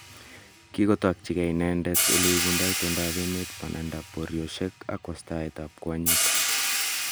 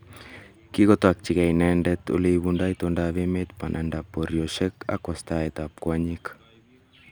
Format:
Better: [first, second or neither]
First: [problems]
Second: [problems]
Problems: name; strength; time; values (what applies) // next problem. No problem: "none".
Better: second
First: background sound (Hi-hat); as loud as the speech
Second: none